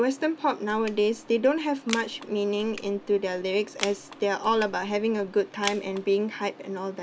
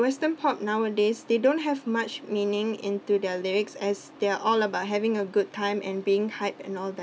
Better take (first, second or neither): second